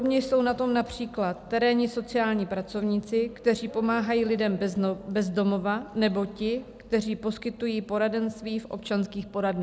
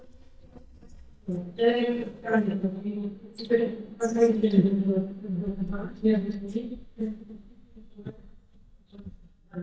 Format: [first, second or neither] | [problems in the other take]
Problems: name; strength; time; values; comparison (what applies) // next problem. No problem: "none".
first | noise reduction (neural mask model DeepFilterNet 3)